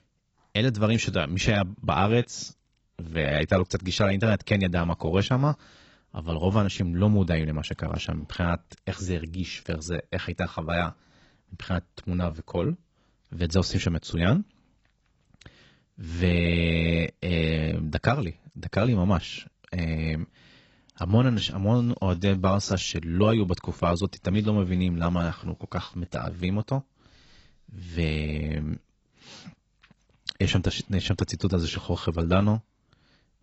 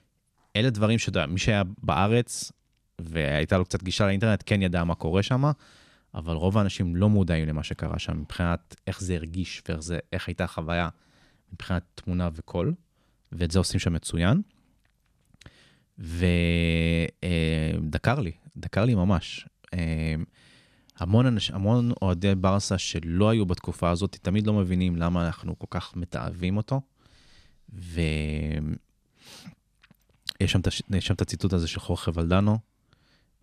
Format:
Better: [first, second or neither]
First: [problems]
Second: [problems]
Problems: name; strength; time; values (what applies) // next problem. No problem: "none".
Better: second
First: garbled, watery; badly; nothing above 7.5 kHz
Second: none